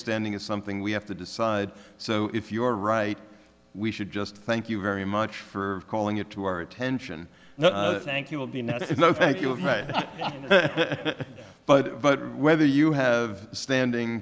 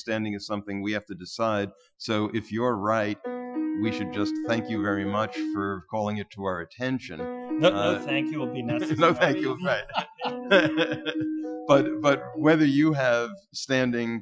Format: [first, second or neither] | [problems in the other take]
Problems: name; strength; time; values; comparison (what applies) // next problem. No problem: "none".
first | noise reduction (classical method Wiener filter)